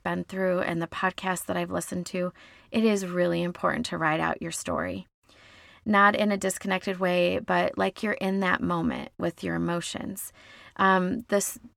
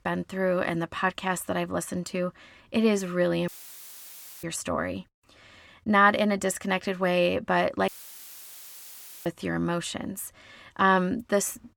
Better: first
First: none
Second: audio cutting out; filled with static; at 3.5 s for 1 s and at 8 s for 1.5 s

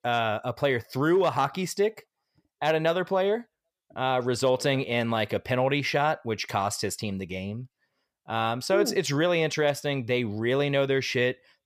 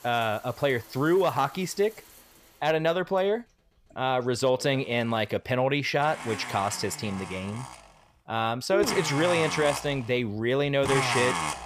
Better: first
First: none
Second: household noises; loud; throughout; 6 dB below the speech

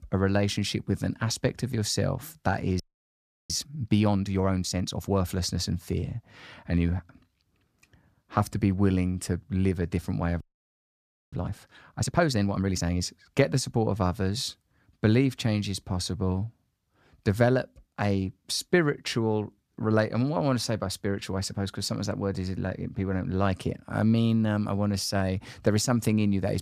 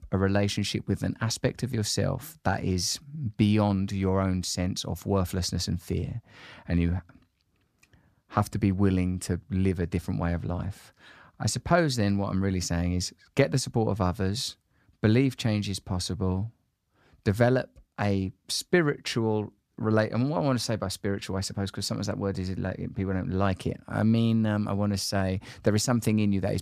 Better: second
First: audio freezing; at 3 s for 0.5 s and at 10 s for 1 s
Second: none

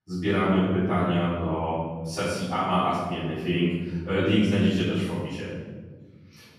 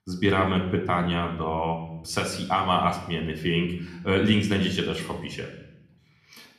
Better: second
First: room echo; strong; dies away in 1.9 s // off-mic speech; far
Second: room echo; slight; dies away in 0.7 s

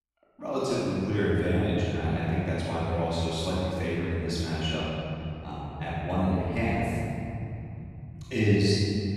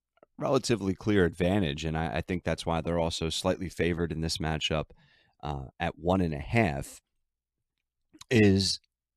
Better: second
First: off-mic speech; far // room echo; strong; dies away in 3 s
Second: none

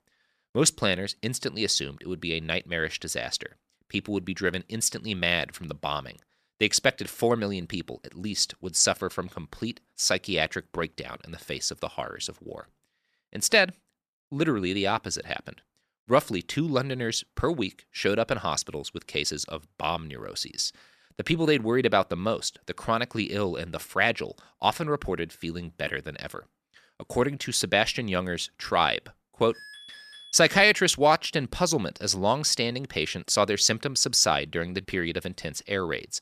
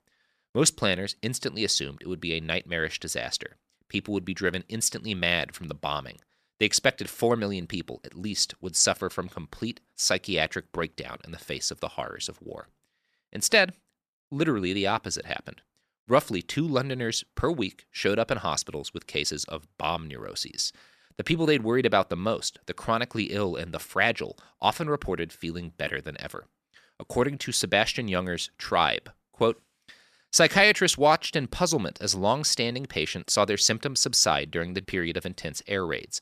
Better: second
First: alarm; faint; at 30 s; peak 15 dB below the speech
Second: none

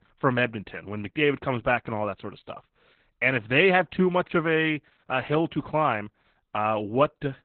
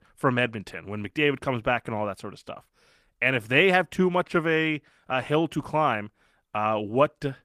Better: second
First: garbled, watery; badly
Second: garbled, watery; slightly; nothing above 14.5 kHz

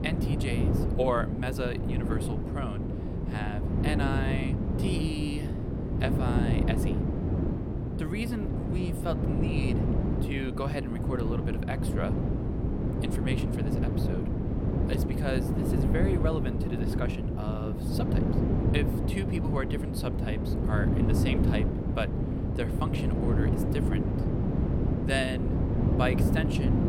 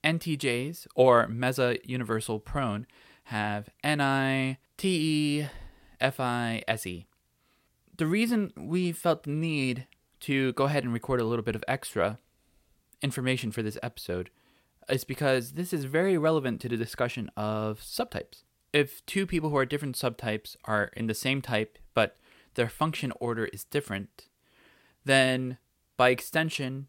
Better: second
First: wind noise on the microphone; heavy; 1 dB below the speech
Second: none

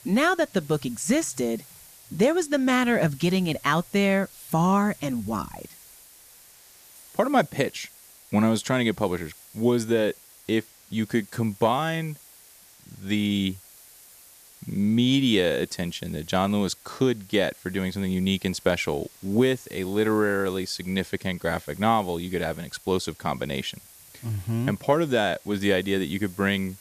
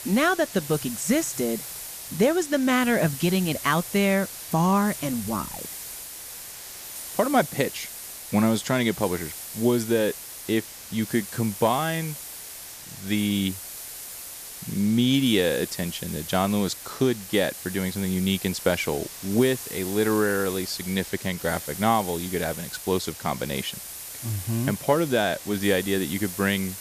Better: first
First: hiss; faint; throughout; 20 dB below the speech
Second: hiss; loud; throughout; 10 dB below the speech

